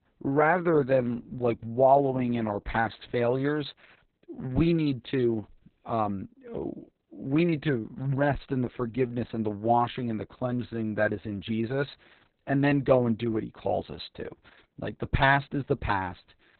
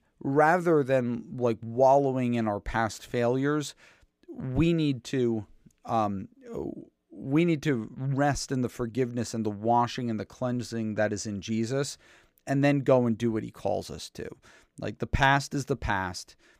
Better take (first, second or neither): second